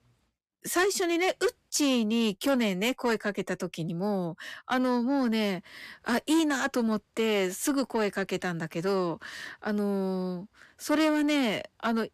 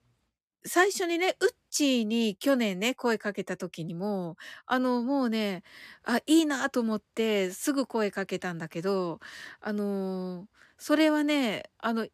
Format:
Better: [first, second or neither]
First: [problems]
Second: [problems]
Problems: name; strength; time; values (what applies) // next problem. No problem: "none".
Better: second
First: distortion; slight; 10 dB below the speech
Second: none